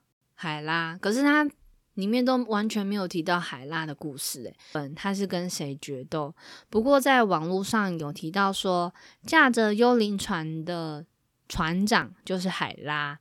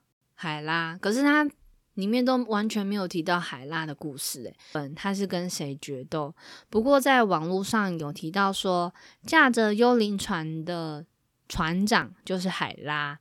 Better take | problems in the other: neither | none

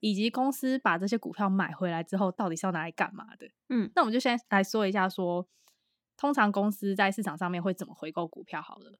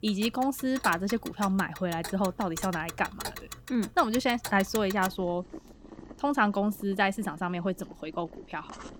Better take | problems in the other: first | household noises; noticeable; throughout; 15 dB below the speech

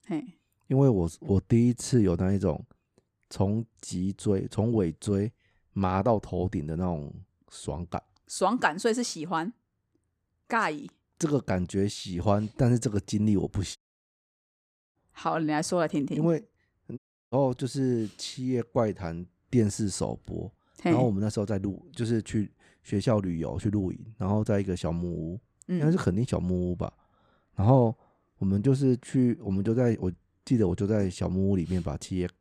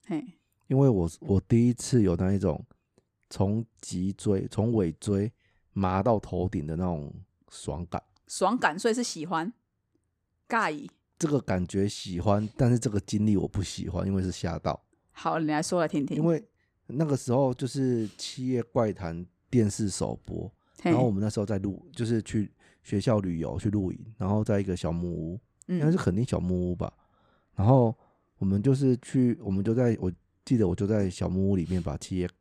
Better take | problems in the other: second | audio cutting out; at 14 s for 1 s and at 17 s

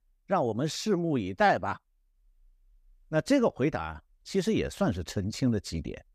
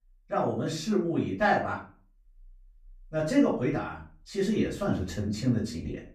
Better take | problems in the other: first | off-mic speech; far // room echo; slight; dies away in 0.3 s

